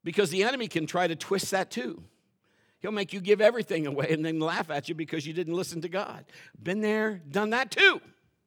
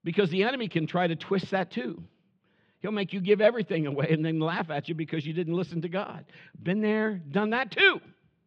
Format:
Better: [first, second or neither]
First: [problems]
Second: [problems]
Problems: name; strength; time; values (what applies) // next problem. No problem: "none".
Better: first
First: none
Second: muffled; slightly; fading above 3.5 kHz